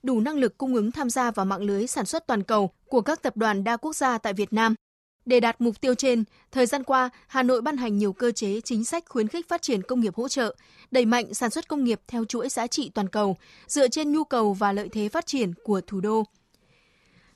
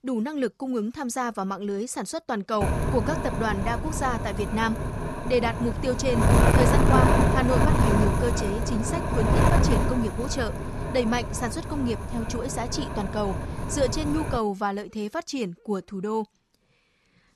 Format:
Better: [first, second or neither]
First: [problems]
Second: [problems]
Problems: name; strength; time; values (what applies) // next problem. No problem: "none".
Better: first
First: none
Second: wind noise on the microphone; heavy; from 2.5 to 14 s; as loud as the speech